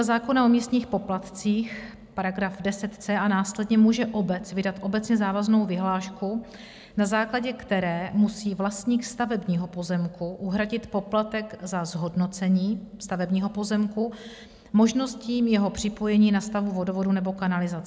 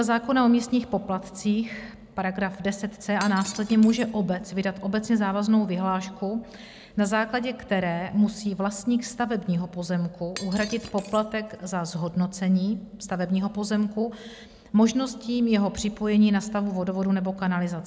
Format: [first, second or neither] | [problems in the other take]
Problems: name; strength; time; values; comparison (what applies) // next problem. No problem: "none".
first | background sound (Shatter); 18 dB below the speech